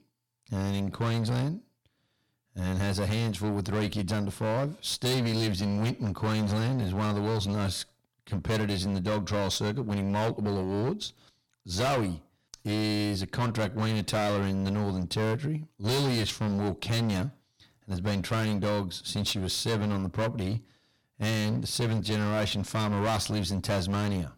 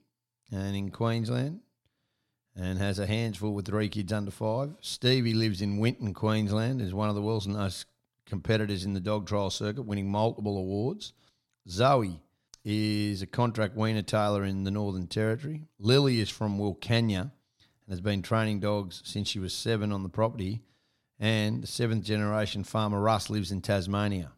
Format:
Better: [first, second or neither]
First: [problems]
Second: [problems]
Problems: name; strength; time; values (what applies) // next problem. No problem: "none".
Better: second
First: distortion; heavy; 20% of the sound clipped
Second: none